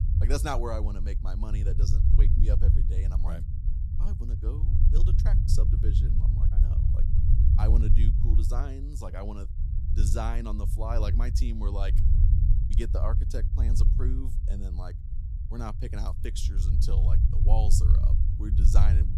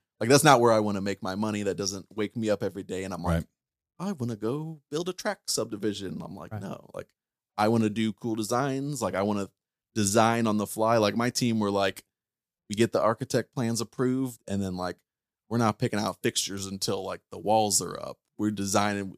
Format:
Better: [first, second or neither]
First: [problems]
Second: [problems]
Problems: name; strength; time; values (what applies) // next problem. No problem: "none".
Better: second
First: low rumble; loud; throughout; 5 dB below the speech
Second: none